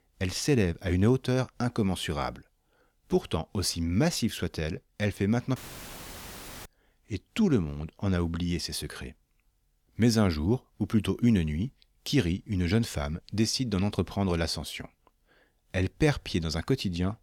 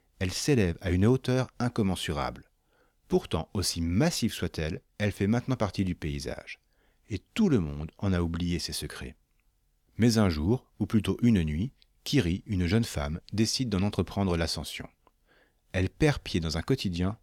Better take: second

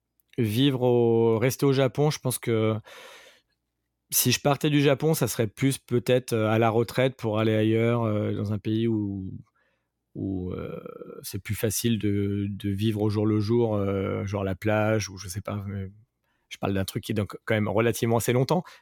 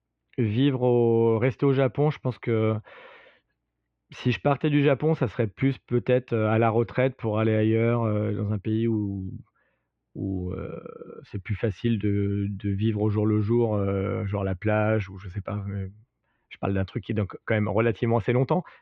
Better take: first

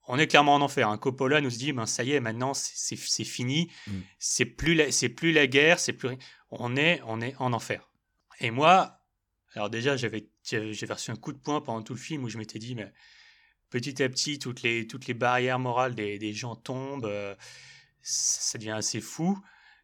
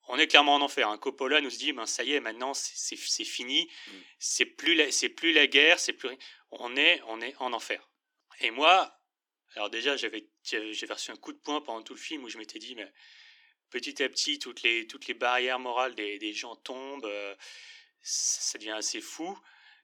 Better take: first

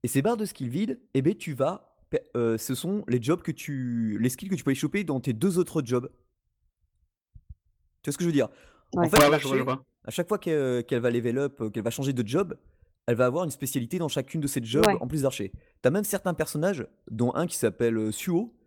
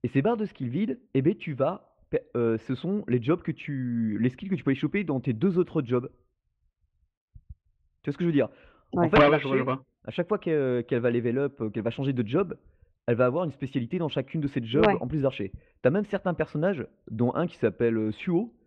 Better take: first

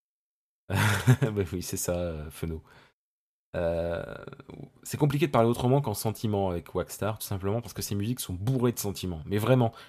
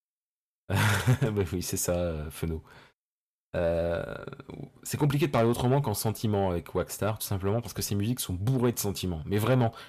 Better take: first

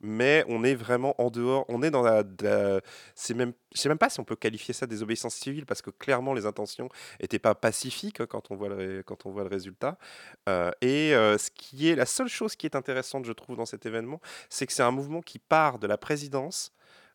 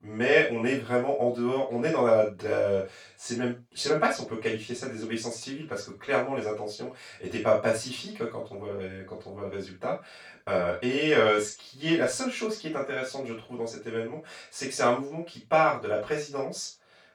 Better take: first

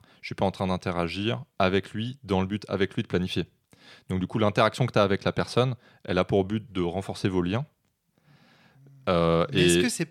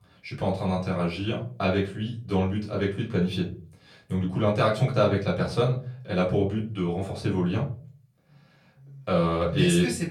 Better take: first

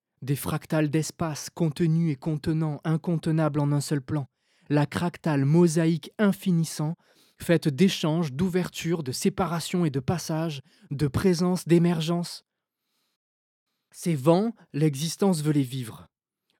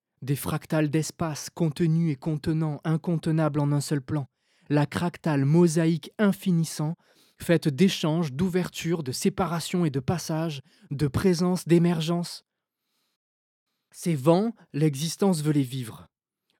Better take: neither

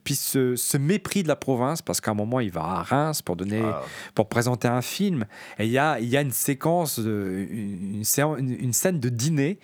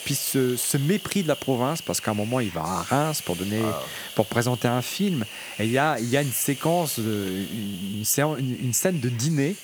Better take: first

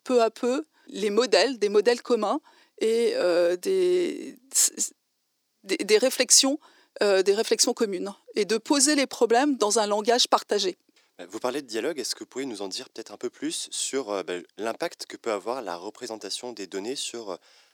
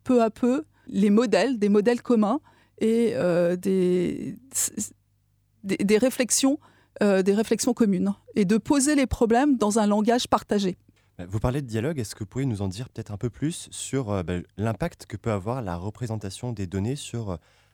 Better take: second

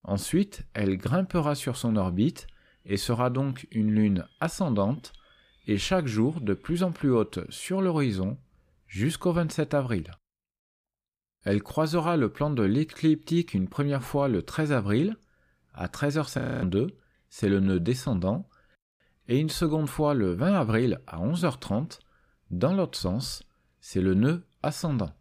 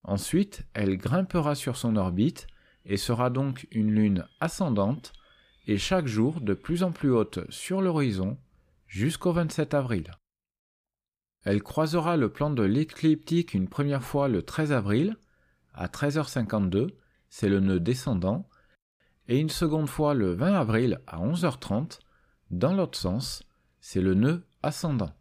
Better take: second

